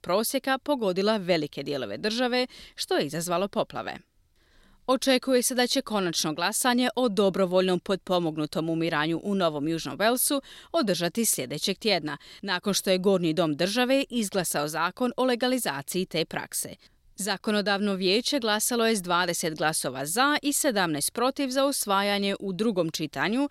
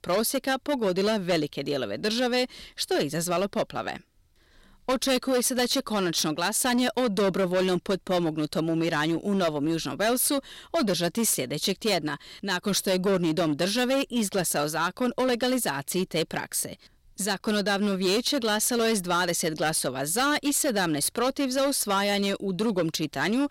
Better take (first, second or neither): first